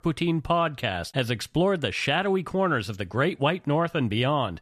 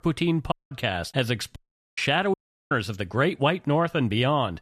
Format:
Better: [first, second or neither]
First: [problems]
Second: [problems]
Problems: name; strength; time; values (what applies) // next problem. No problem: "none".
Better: first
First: none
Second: audio cutting out; at 0.5 s, at 1.5 s and at 2.5 s